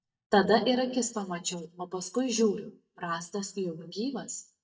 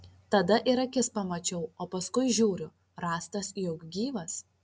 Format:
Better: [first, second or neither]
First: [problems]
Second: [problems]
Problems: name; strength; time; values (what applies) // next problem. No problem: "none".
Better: second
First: noise reduction (neural mask model DeepFilterNet 3)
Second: none